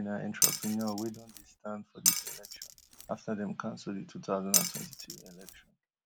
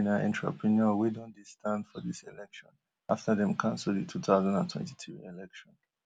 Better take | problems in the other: second | background sound (Glass); 5 dB above the speech

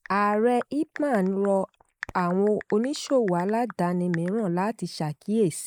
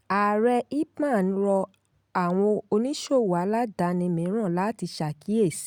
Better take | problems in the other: second | noise reduction (neural mask model Resemble Enhance denoiser)

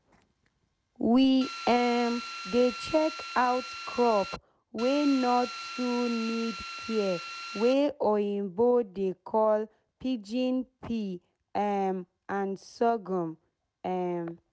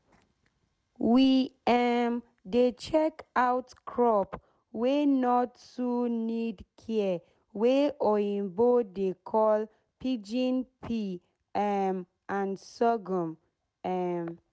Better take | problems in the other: second | background sound (Drill); 10 dB below the speech

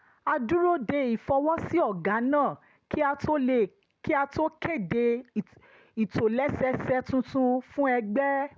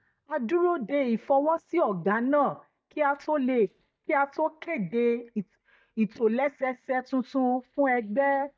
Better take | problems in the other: first | noise reduction (neural mask model DeepFilterNet 3)

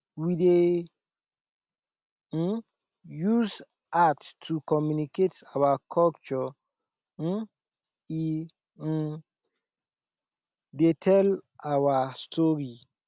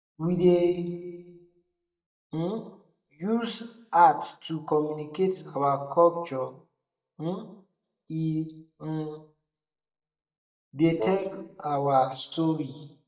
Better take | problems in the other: first | noise reduction (neural mask model DeepFilterNet 3)

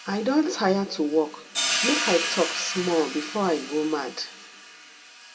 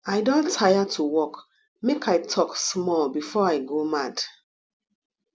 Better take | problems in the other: second | background sound (Hi-hat); 5 dB below the speech // room echo; dies away in 2.2 s

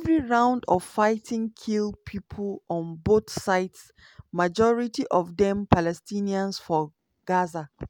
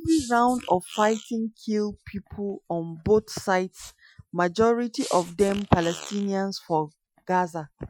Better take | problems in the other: first | noise reduction (classical method Wiener filter)

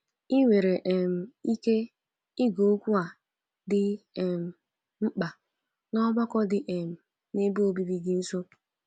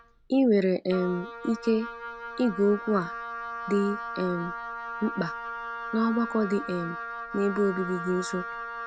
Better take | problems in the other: first | background sound (Wind instrument, woodwind instrument); 9 dB below the speech

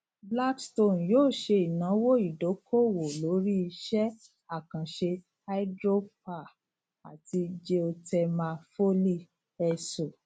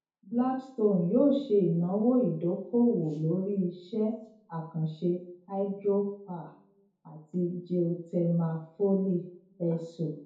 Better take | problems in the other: first | room echo; dies away in 0.6 s

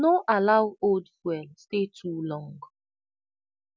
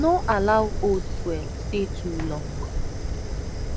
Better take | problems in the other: first | background sound (Fire); 2 dB below the speech

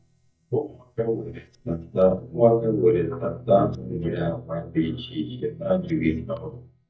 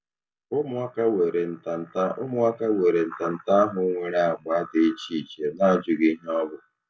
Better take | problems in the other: second | noise reduction (neural mask model DeepFilterNet 3)

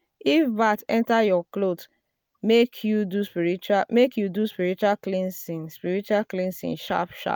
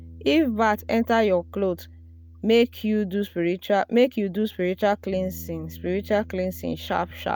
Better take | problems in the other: first | background sound (Bass guitar); 19 dB below the speech

